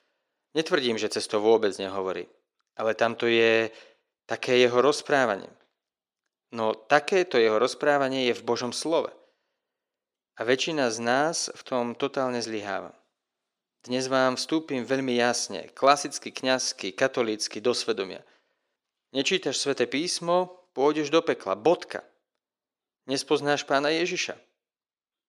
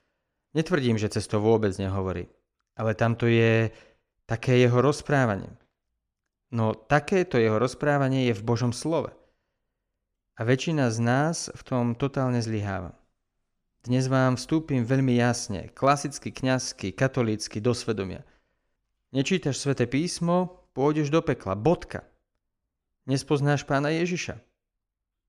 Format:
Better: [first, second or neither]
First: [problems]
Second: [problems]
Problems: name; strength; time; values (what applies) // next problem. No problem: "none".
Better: second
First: thin; somewhat; fading below 400 Hz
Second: none